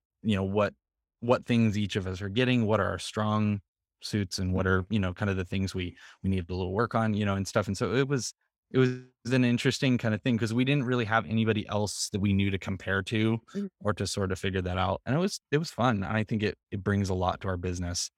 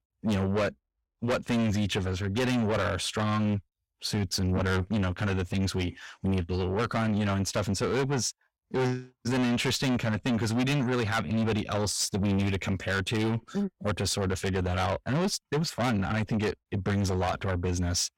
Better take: first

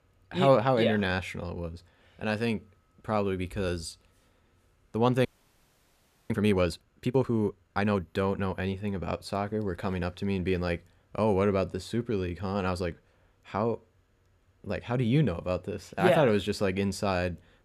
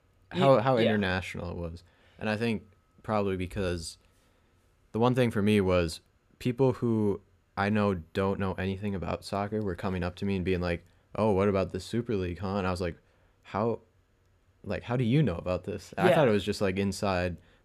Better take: second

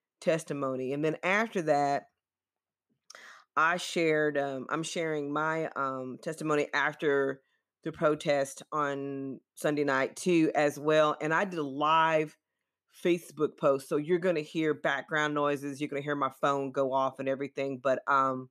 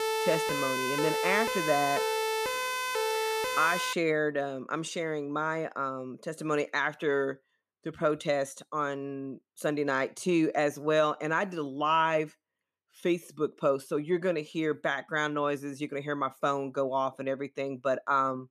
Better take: first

